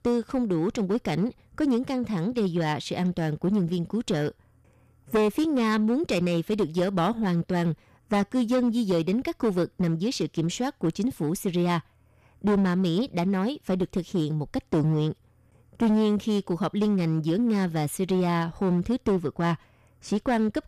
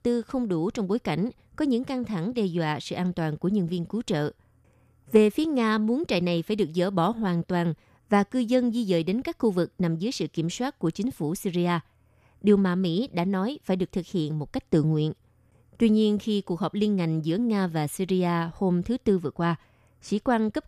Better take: second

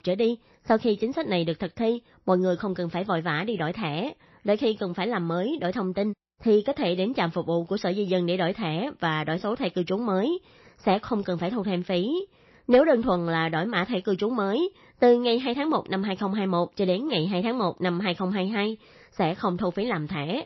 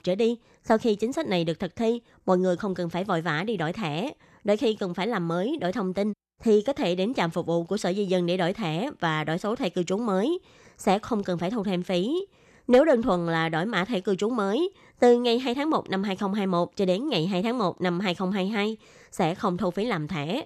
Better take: second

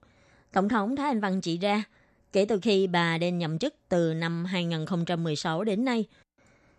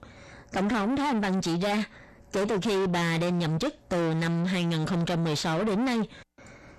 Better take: first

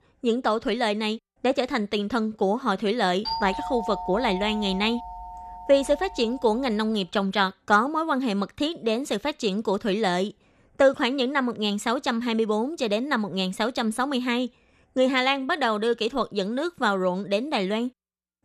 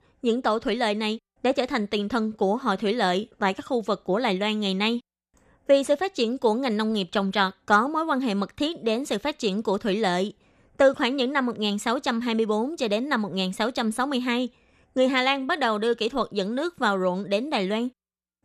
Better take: second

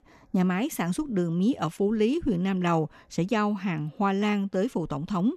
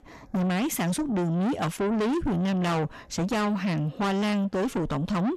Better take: first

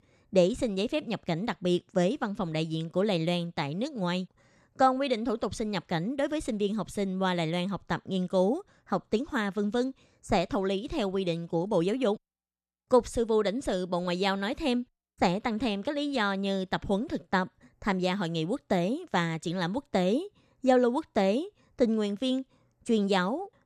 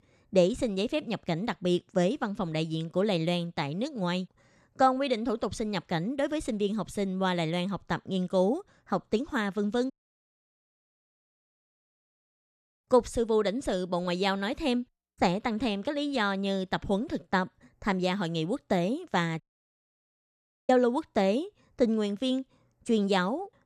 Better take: first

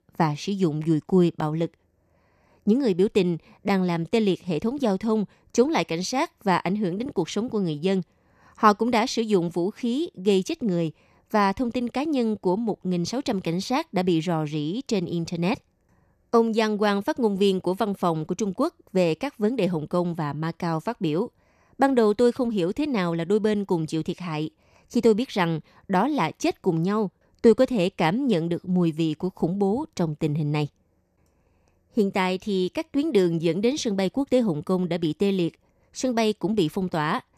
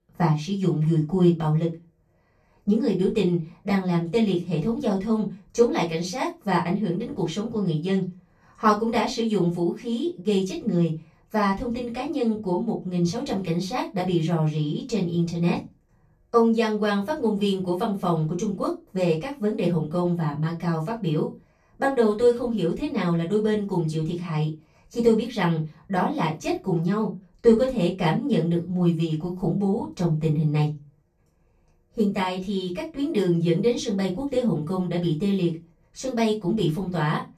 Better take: first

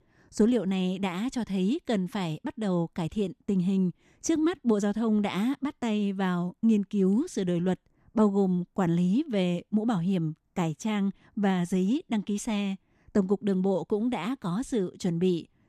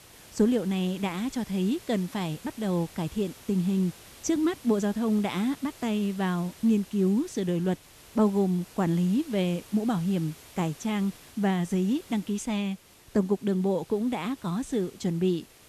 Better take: first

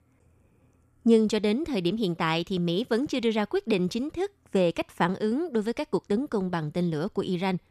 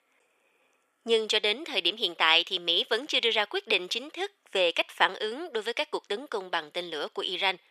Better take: first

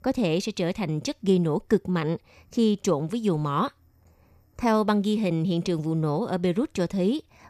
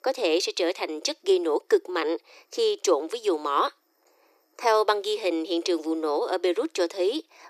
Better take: first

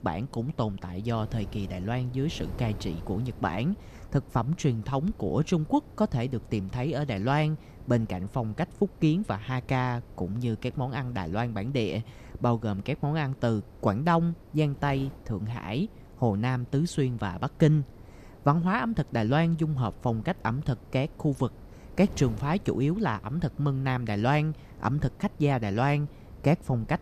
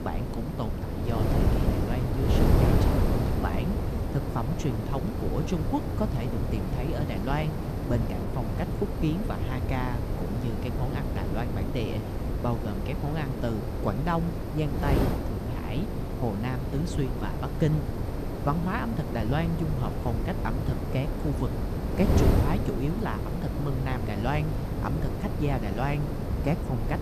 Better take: first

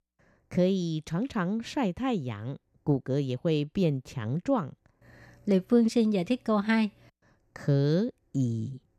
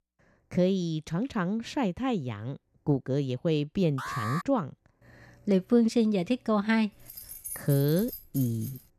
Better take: first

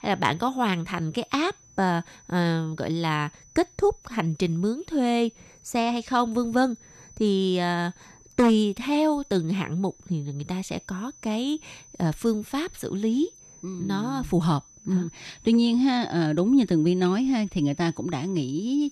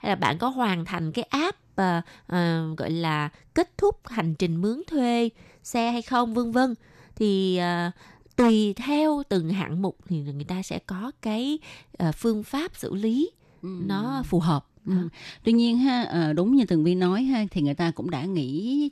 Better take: second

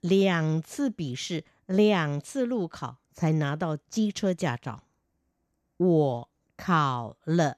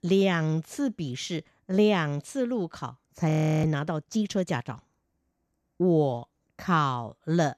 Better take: first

